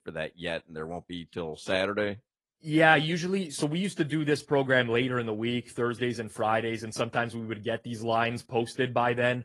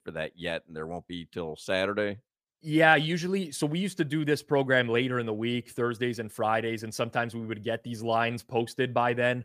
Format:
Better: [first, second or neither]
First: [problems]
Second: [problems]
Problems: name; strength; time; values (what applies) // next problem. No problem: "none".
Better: second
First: garbled, watery; slightly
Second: none